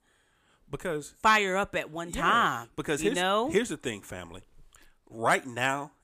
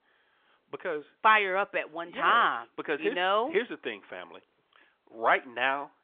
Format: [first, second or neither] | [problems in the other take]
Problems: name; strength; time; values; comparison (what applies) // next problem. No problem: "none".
first | phone-call audio; nothing above 3.5 kHz